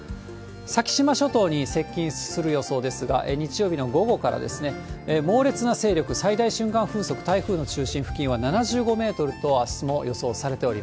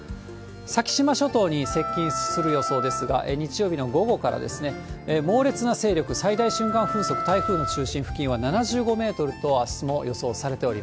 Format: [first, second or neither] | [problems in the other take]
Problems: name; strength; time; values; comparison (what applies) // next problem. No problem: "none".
first | background sound (Wind instrument, woodwind instrument); 5 dB below the speech